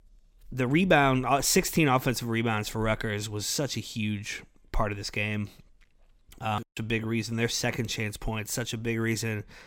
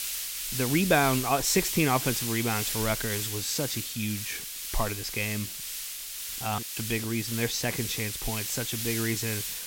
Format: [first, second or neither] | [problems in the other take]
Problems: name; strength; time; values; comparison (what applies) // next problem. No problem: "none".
first | hiss; loud; throughout; 3 dB below the speech